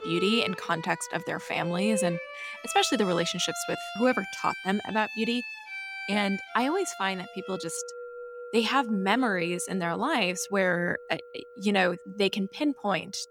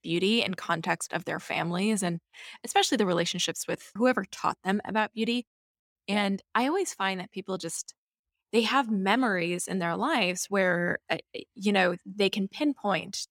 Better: second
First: background music; loud; throughout; 10 dB below the speech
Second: none

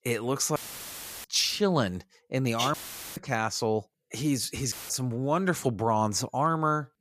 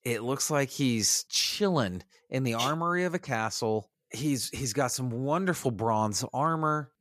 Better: second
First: audio cutting out; filled with static; at 0.5 s for 0.5 s, at 2.5 s and at 4.5 s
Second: none

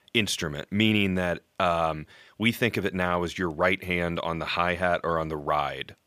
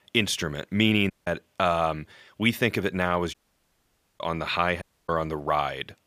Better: first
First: none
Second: audio cutting out; at 1 s, at 3.5 s for 1 s and at 5 s

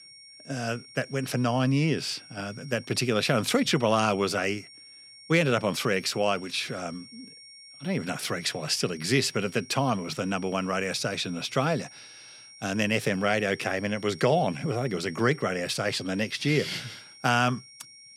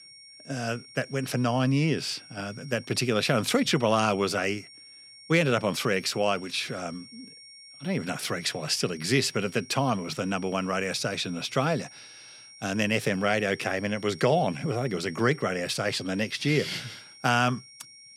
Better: neither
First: high-pitched whine; noticeable; throughout; 5.5 kHz, 20 dB below the speech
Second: high-pitched whine; noticeable; throughout; 5.5 kHz, 20 dB below the speech

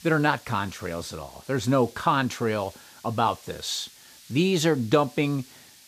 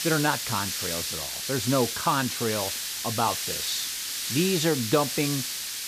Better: first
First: hiss; faint; throughout; 20 dB below the speech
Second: hiss; loud; throughout; 1 dB below the speech

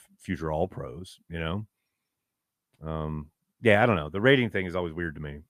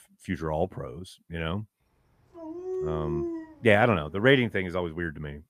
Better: first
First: none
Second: dog barking; noticeable; from 2.5 to 4.5 s; peak 6 dB below the speech

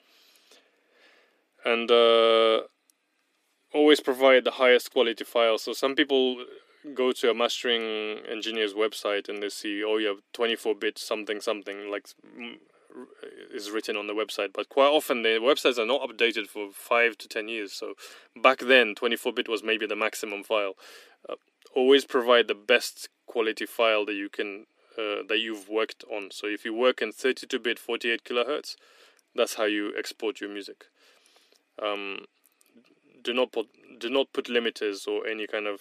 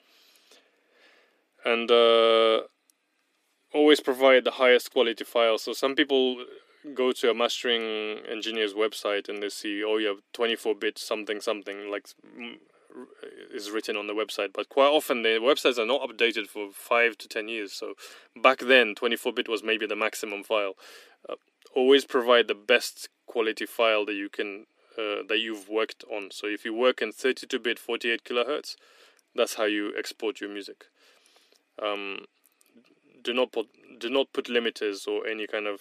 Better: neither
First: thin; somewhat; fading below 250 Hz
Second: thin; somewhat; fading below 250 Hz

